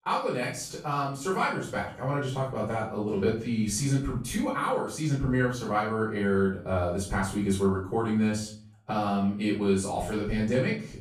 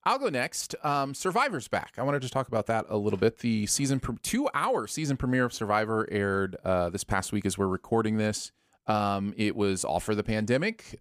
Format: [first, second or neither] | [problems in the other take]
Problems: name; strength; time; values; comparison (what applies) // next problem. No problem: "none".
second | room echo; noticeable; dies away in 0.4 s // off-mic speech; far